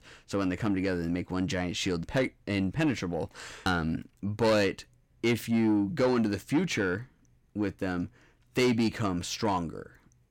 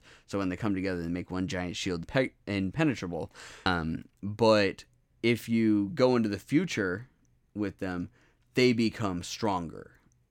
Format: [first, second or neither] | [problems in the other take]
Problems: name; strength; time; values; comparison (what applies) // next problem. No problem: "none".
second | distortion; slight; 10 dB below the speech